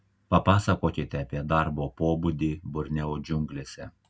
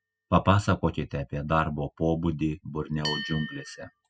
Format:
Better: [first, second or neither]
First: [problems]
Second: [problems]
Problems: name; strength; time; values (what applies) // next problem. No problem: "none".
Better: first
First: none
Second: noise reduction (classical method spectral subtraction)